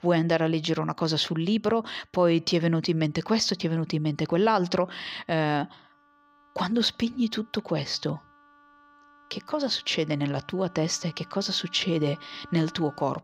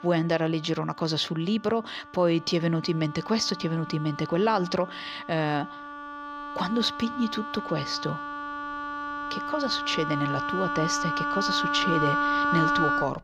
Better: first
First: background music; faint; throughout; 25 dB below the speech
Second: background music; loud; throughout; 2 dB below the speech

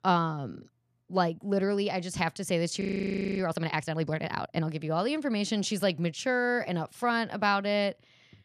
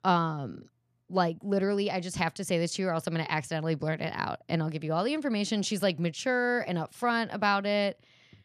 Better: second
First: audio freezing; at 3 s for 0.5 s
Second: none

